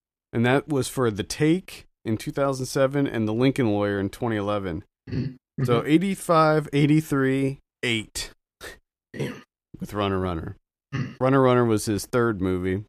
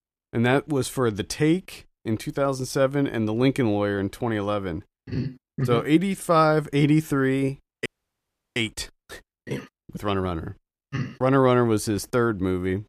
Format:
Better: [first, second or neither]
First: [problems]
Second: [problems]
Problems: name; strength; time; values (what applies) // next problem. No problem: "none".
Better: first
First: none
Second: audio freezing; at 8 s for 0.5 s